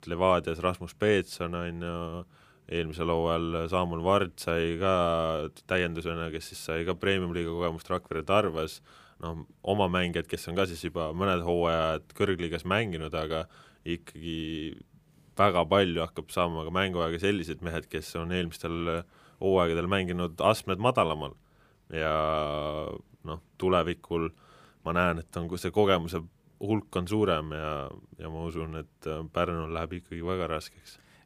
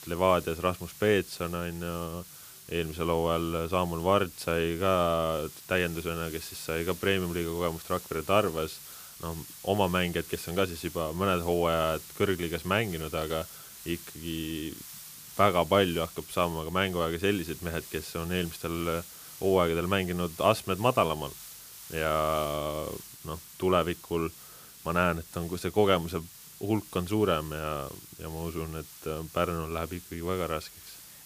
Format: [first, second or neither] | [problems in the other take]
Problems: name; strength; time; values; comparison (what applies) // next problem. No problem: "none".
first | hiss; noticeable; throughout; 15 dB below the speech